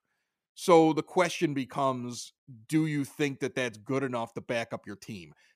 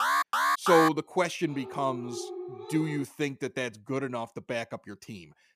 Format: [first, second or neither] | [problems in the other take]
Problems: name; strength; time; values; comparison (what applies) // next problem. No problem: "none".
first | alarm; loud; at the start; peak 4 dB above the speech // dog barking; noticeable; from 1.5 to 3 s; peak 8 dB below the speech